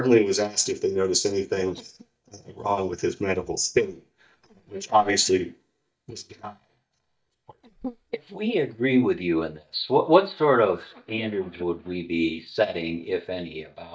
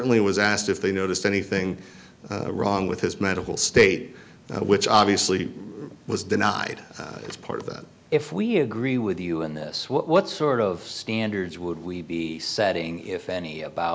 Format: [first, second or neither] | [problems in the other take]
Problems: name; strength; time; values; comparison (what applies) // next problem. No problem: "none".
second | noise reduction (neural mask model DeepFilterNet 3)